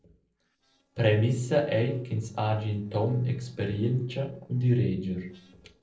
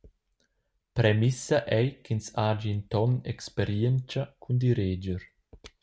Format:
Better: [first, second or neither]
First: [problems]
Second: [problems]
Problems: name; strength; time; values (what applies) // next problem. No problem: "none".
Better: second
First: noise reduction (neural separator model SepFormer DNS4)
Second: none